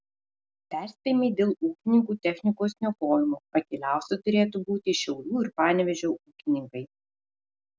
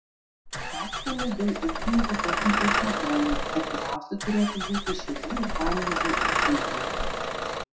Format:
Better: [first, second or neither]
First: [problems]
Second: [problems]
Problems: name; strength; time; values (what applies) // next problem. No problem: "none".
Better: first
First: none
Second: background sound (Engine starting / Bus); 2 dB above the speech // room echo; dies away in 0.5 s